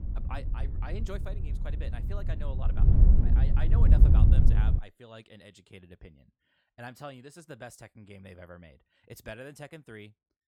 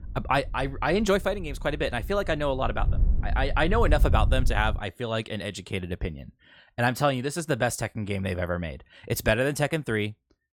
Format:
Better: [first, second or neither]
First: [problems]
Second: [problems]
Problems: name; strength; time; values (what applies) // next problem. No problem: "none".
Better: second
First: wind noise on the microphone; heavy; until 5 s; 2 dB above the speech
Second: wind noise on the microphone; occasional gusts; until 5 s; 20 dB below the speech